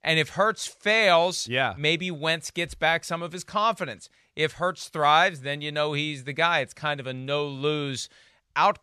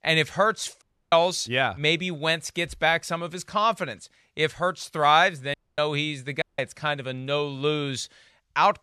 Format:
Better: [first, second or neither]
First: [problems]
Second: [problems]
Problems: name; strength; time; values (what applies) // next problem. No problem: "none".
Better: first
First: none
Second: audio cutting out; at 1 s, at 5.5 s and at 6.5 s